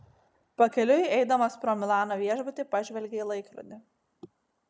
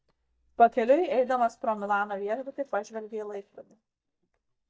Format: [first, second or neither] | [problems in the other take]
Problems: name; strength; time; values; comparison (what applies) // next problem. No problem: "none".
first | noise reduction (neural mask model DeepFilterNet 3)